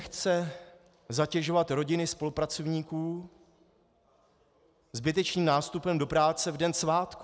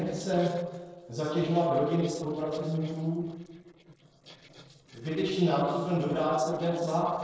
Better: first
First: none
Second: noise reduction (neural separator model SepFormer DNS4)

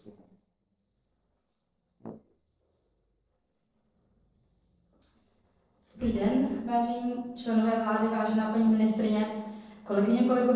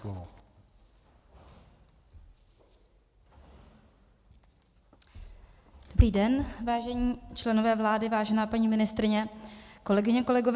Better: second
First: noise reduction (neural separator model SepFormer DNS4)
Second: none

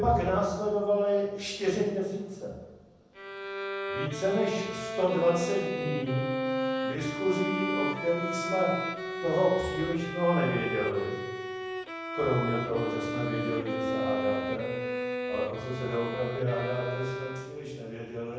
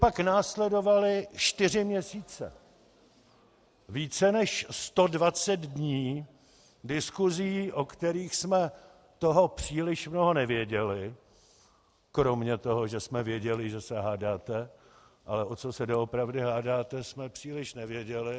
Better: second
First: background sound (Bowed string instrument); 4 dB below the speech // room echo; dies away in 1.1 s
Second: none

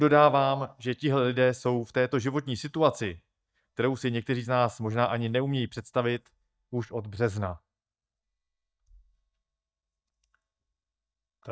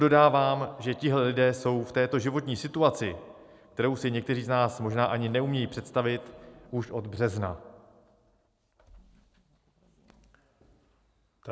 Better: second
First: noise reduction (neural mask model DeepFilterNet 3)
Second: none

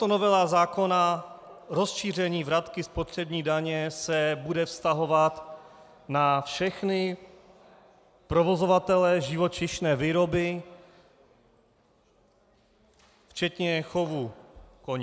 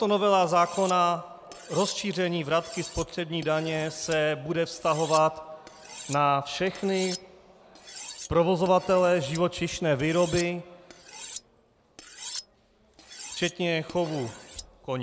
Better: first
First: none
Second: background sound (Cutlery, silverware); 16 dB below the speech

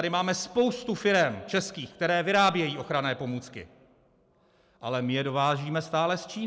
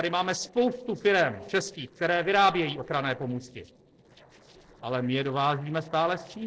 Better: first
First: none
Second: noise reduction (neural separator model SepFormer DNS4)

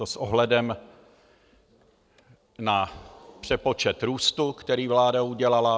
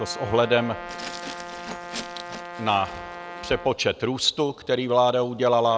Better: first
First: none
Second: background sound (Glass + Brass instrument); 12 dB below the speech

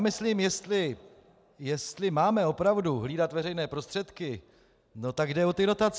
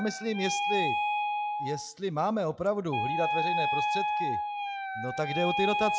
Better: first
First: none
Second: noise reduction (classical method log-MMSE)

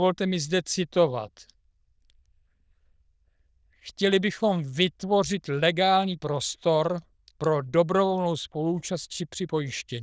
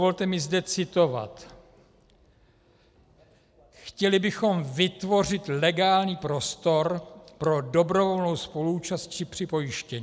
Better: second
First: noise reduction (neural diffusion model UNIVERSE++)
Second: none

